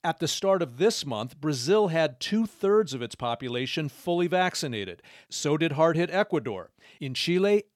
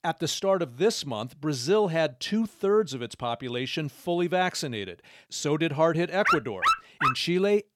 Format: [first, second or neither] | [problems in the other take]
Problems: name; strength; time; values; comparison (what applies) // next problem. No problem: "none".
first | dog barking; loud; at 6.5 s; peak 2 dB above the speech